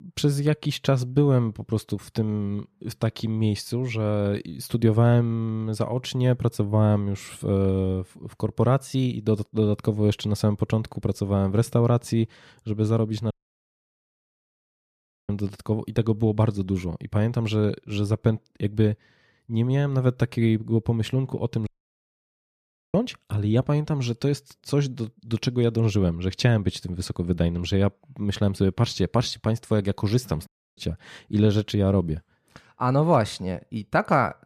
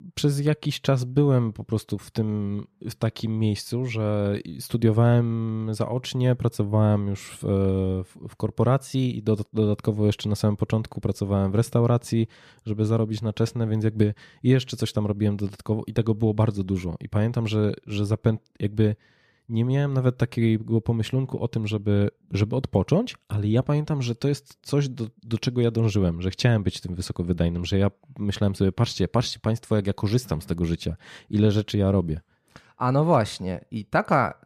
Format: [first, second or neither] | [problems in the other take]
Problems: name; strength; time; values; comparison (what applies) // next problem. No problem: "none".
second | audio cutting out; at 13 s for 2 s, at 22 s for 1.5 s and at 30 s